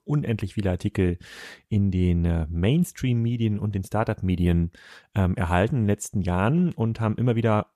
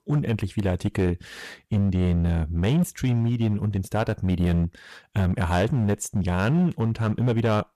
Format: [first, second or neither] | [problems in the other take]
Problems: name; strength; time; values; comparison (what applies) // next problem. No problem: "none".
first | distortion; slight; 8% of the sound clipped